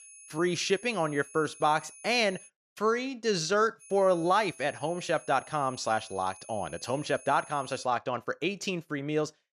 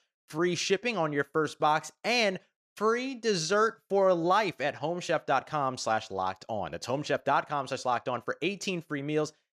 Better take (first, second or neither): second